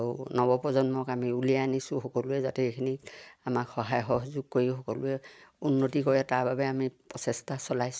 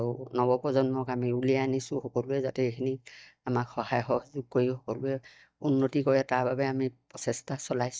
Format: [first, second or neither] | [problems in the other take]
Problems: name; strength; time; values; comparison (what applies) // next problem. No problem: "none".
first | noise reduction (neural mask model DeepFilterNet 3)